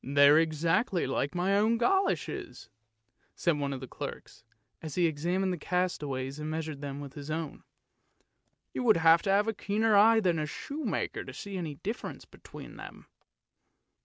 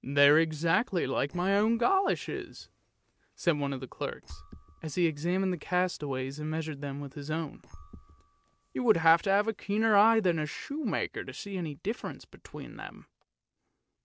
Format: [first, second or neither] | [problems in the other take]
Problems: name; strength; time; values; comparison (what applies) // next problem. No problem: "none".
first | noise reduction (neural separator model SepFormer DNS4)